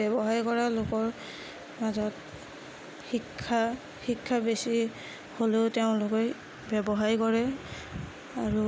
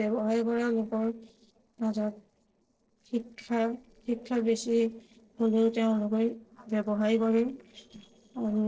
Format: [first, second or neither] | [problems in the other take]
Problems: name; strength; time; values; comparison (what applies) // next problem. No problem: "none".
first | noise reduction (neural separator model SepFormer DNS4)